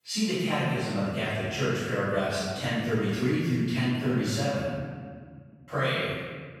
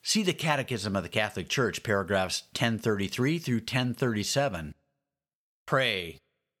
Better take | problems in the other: second | off-mic speech; far // room echo; strong; dies away in 1.7 s

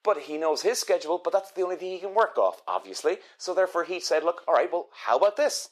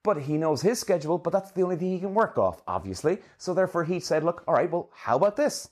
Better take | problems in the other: second | thin; very; fading below 400 Hz

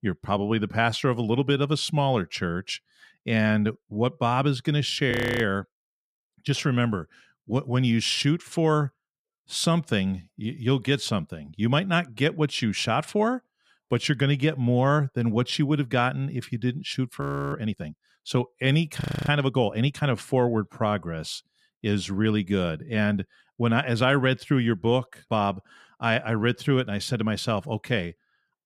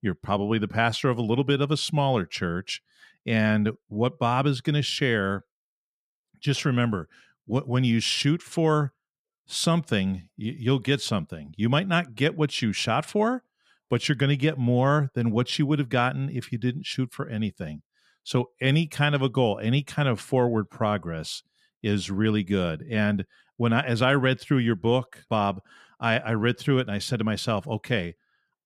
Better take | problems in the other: second | audio freezing; at 5 s, at 17 s and at 19 s

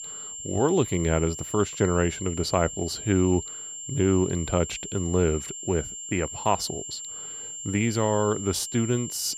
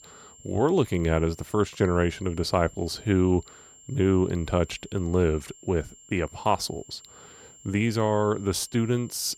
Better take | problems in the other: second | high-pitched whine; loud; throughout; 7.5 kHz, 8 dB below the speech; faint in the second

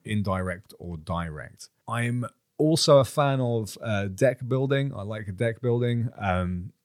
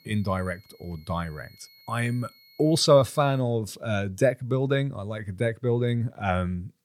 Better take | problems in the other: first | high-pitched whine; faint; until 3.5 s; 4.5 kHz, 30 dB below the speech

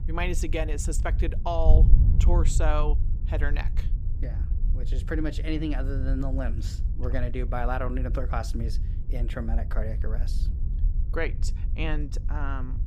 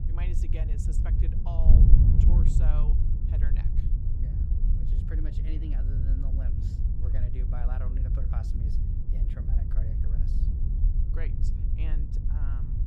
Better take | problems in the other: first | wind noise on the microphone; heavy; 3 dB above the speech; occasional gusts in the first

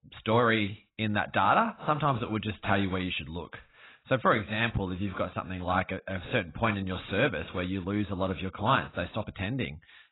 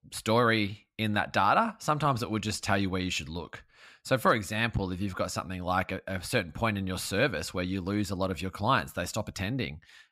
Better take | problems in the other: second | garbled, watery; badly; nothing above 4 kHz

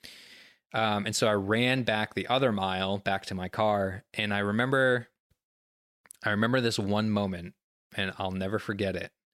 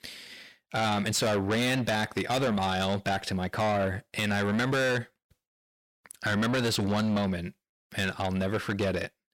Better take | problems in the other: first | distortion; heavy; 7 dB below the speech

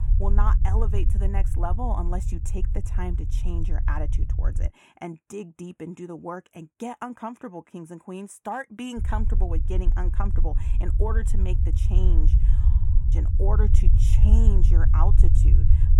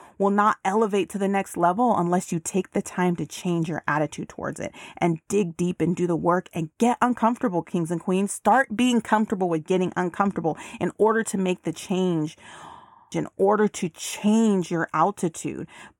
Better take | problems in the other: second | low rumble; loud; until 4.5 s and from 9 s on; 7 dB below the speech

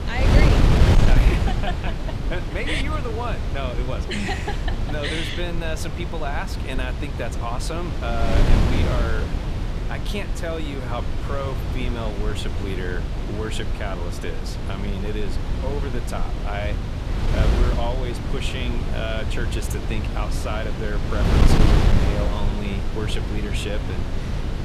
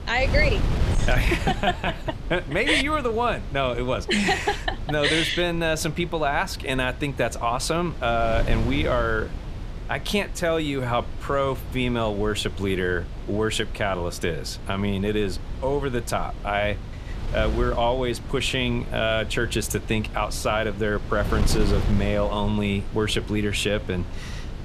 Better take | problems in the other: second | wind noise on the microphone; heavy; 1 dB below the speech; occasional gusts in the second

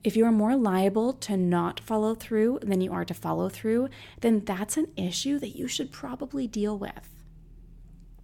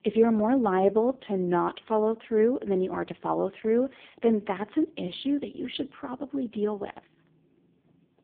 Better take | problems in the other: first | phone-call audio; poor line; nothing above 3.5 kHz

